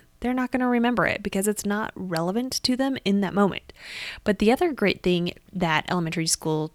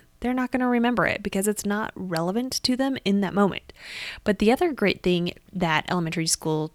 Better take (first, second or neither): neither